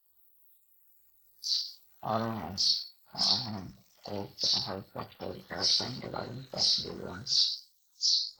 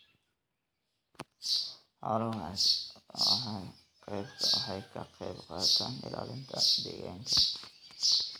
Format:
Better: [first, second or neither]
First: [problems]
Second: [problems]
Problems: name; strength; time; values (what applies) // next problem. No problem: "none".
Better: second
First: noise reduction (neural mask model Resemble Enhance denoiser)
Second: none